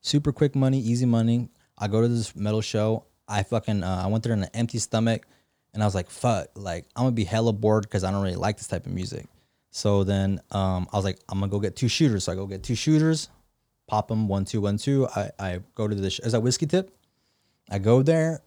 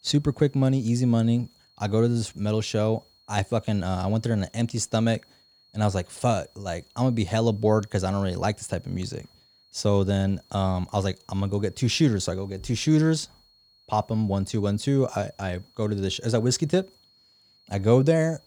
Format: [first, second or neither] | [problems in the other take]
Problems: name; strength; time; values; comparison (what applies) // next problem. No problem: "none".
first | high-pitched whine; faint; throughout; 4.5 kHz, 30 dB below the speech